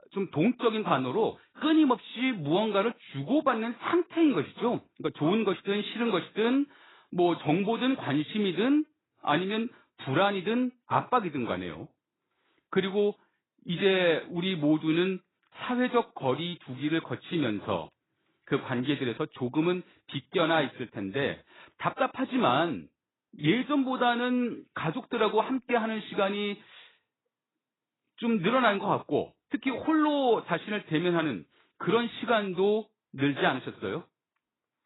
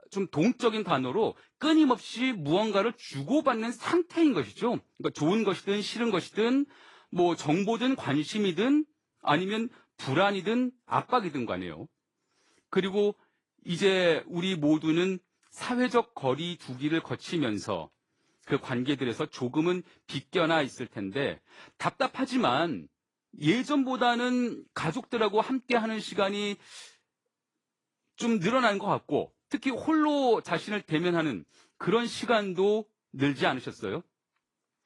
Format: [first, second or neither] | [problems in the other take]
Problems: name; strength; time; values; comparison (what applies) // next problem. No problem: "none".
second | garbled, watery; badly; nothing above 4 kHz; slightly in the second